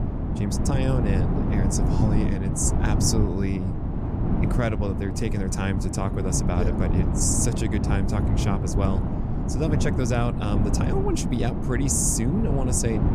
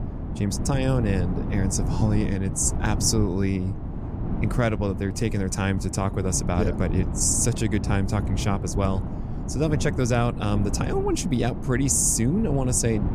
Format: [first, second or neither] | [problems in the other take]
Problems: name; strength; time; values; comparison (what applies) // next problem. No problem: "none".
second | wind noise on the microphone; heavy; 4 dB below the speech; occasional gusts in the second